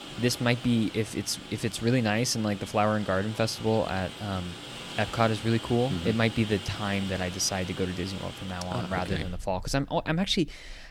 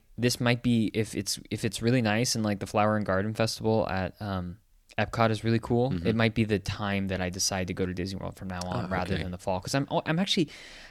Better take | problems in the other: second | rain or running water; noticeable; throughout; 10 dB below the speech

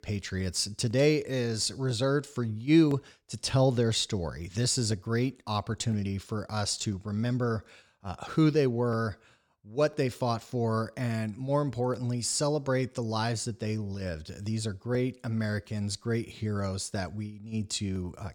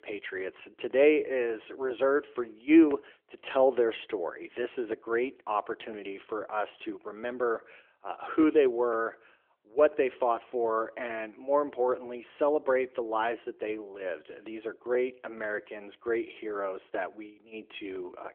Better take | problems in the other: first | phone-call audio; nothing above 3.5 kHz

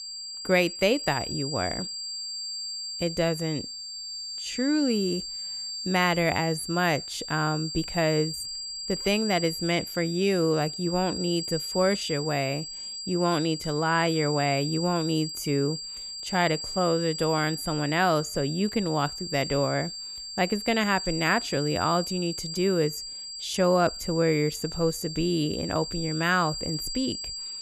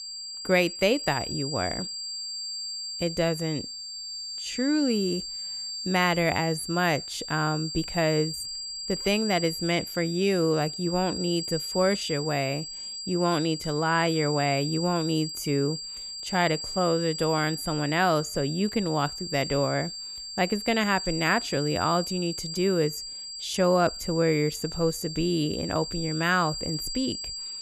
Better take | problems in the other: neither | high-pitched whine; loud; throughout; 4.5 kHz, 6 dB below the speech; the same in both

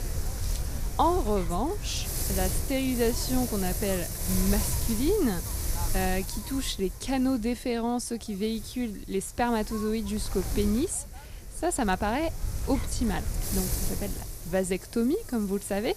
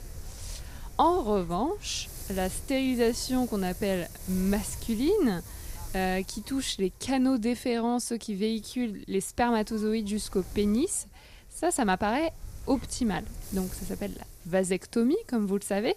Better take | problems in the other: second | wind noise on the microphone; heavy; 8 dB below the speech; occasional gusts in the second

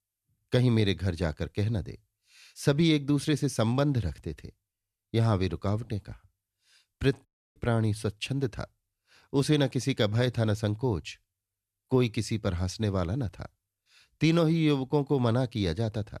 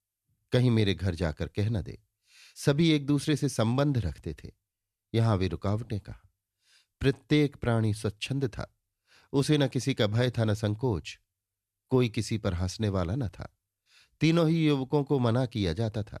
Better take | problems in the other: second | audio cutting out; at 7.5 s

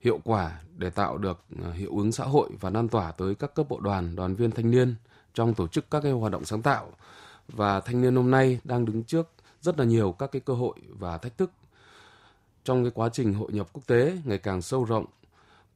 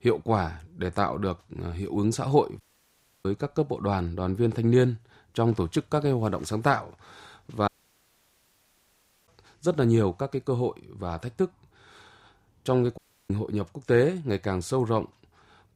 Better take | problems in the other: first | audio cutting out; at 2.5 s for 0.5 s, at 7.5 s for 1.5 s and at 13 s

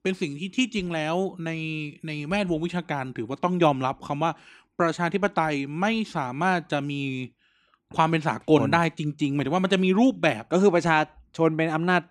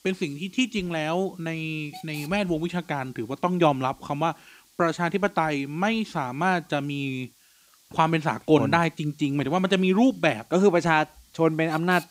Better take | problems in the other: first | hiss; faint; throughout; 25 dB below the speech

